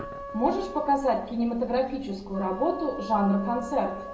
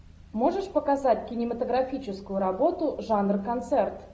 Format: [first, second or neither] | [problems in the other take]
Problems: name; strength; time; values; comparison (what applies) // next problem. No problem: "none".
second | background sound (Wind instrument, woodwind instrument); 13 dB below the speech // room echo; dies away in 0.6 s